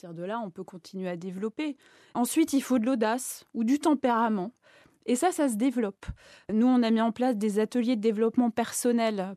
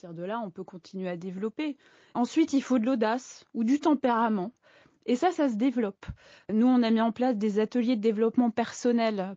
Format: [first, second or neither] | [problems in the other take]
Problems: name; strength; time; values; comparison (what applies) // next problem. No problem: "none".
first | garbled, watery; slightly; nothing above 7 kHz